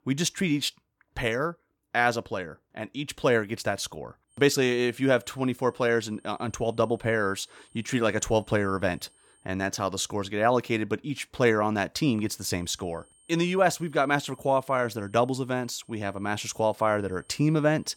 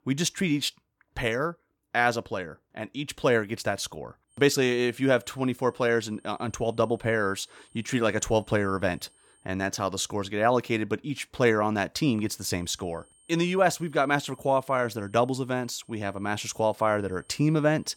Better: neither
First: high-pitched whine; faint; from 4.5 to 9.5 s and from 12 s on; 8.5 kHz, 30 dB below the speech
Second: high-pitched whine; faint; from 4.5 to 9.5 s and from 12 s on; 8.5 kHz, 30 dB below the speech

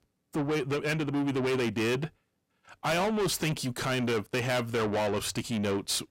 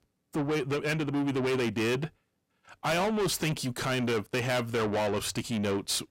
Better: neither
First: distortion; heavy; 6 dB below the speech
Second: distortion; heavy; 6 dB below the speech

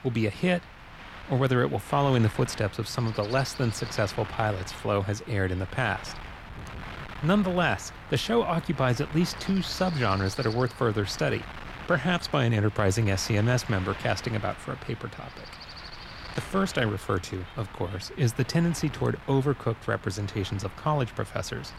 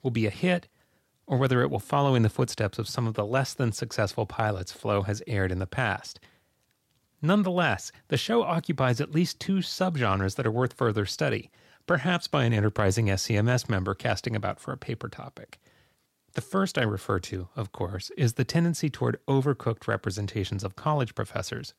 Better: second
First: wind noise on the microphone; occasional gusts; 10 dB below the speech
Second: none

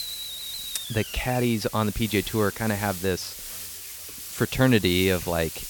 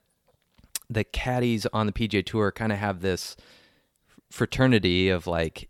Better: second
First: hiss; loud; throughout; 9 dB below the speech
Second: none

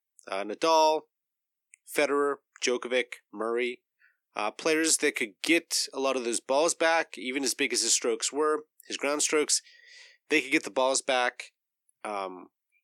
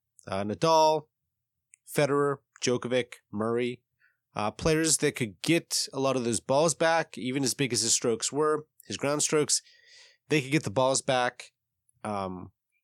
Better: second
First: thin; very slightly; fading below 300 Hz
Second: none

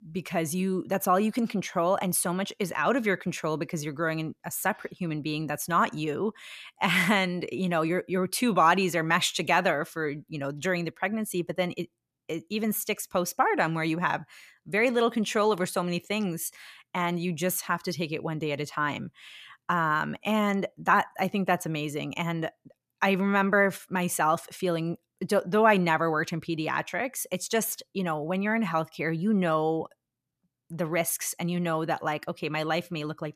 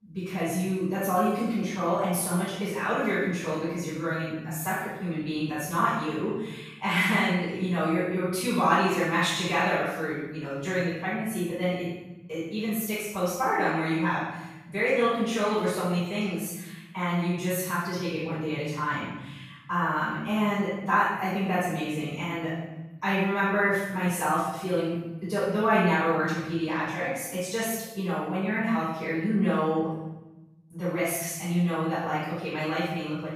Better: first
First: none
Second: off-mic speech; far // room echo; strong; dies away in 1 s

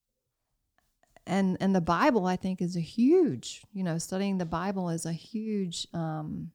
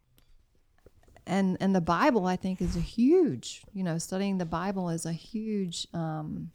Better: first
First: none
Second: hiss; noticeable; throughout; 15 dB below the speech

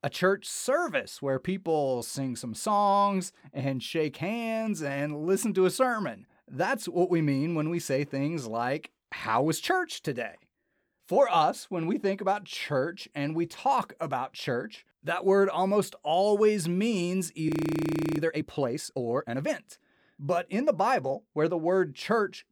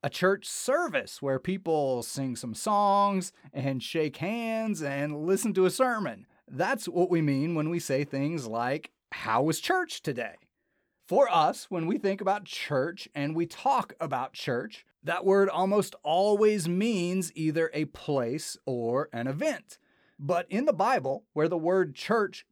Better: second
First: audio freezing; at 17 s for 0.5 s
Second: none

